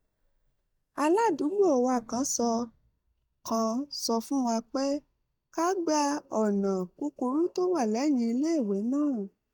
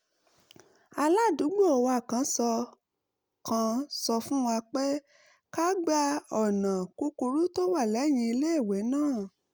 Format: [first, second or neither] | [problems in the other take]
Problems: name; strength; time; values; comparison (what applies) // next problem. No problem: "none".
second | noise reduction (neural mask model DeepFilterNet 3)